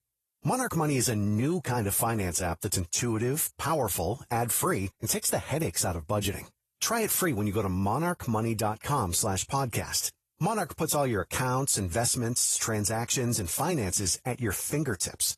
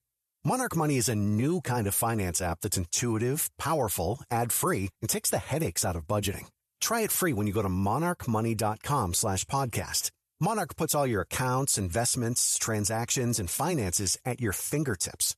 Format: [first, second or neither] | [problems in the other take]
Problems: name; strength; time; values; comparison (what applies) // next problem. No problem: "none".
second | garbled, watery; slightly; nothing above 13.5 kHz